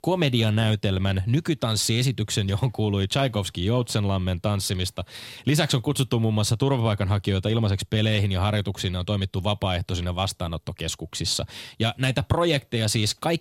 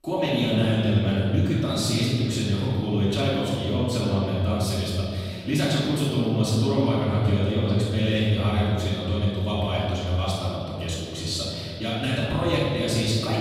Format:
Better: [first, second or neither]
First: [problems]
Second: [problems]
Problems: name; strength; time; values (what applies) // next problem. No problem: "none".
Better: first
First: none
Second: room echo; strong; dies away in 2.1 s // off-mic speech; far